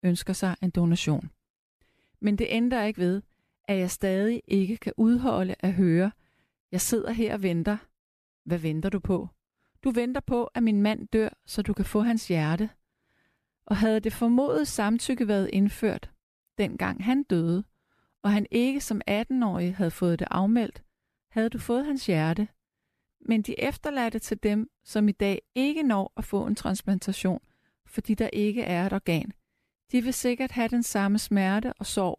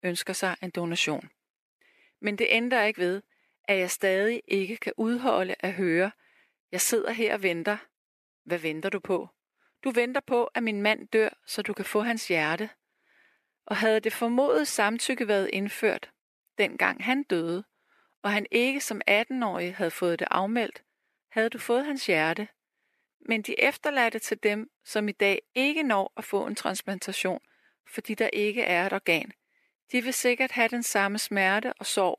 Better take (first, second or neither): first